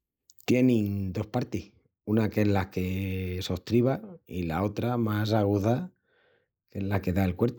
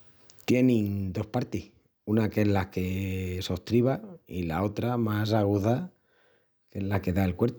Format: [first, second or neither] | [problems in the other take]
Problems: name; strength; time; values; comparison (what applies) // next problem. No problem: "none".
second | noise reduction (neural mask model Resemble Enhance denoiser)